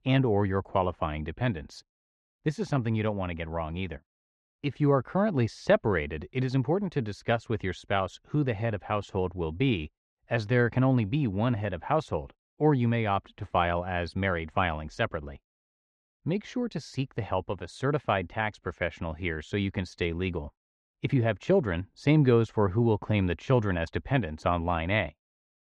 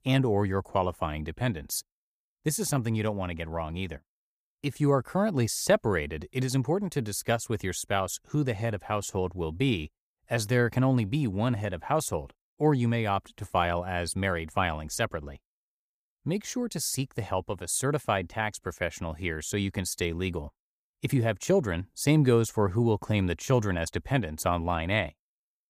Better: second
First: muffled; slightly; fading above 3.5 kHz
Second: none

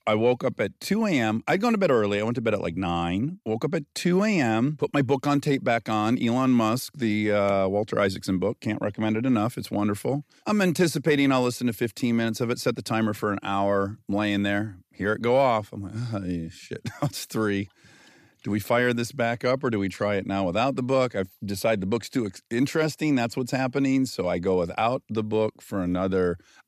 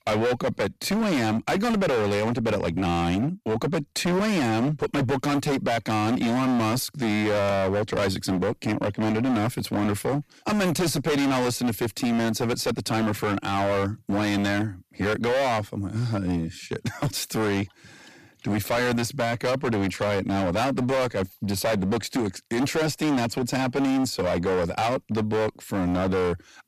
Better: first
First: none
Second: distortion; heavy; 26% of the sound clipped

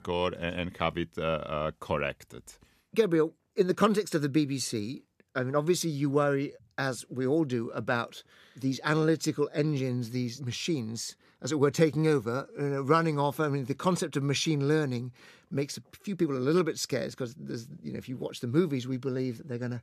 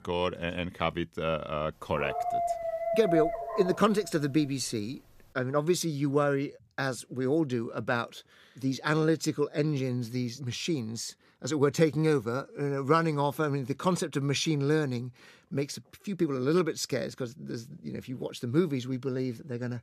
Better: first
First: none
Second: dog barking; loud; from 2 to 4 s; peak 1 dB above the speech

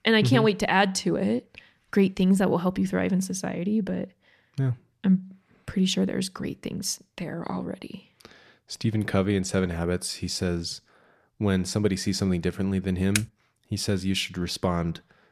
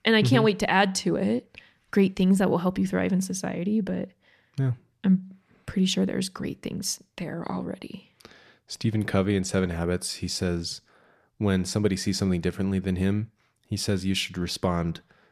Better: second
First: keyboard typing; noticeable; at 13 s; peak 3 dB below the speech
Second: none

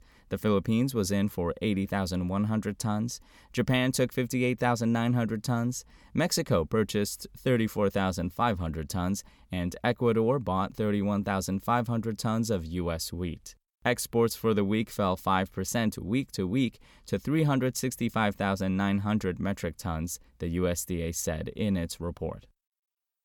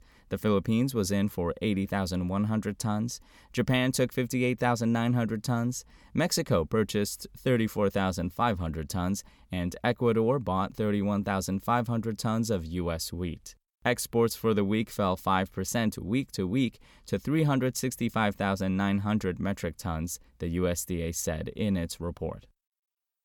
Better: neither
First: none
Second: none

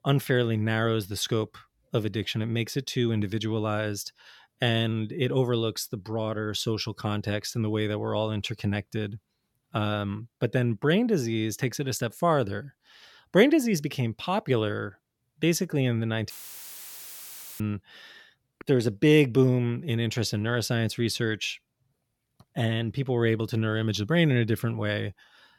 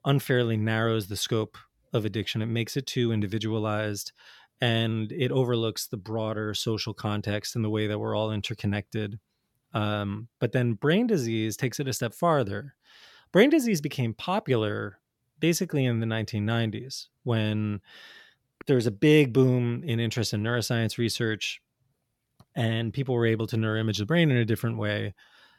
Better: second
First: audio cutting out; filled with static; at 16 s for 1.5 s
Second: none

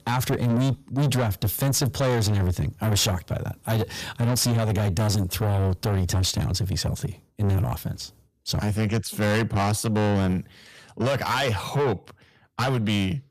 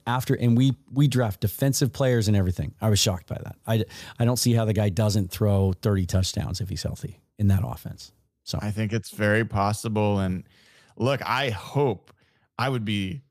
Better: second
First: distortion; heavy; 6 dB below the speech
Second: none

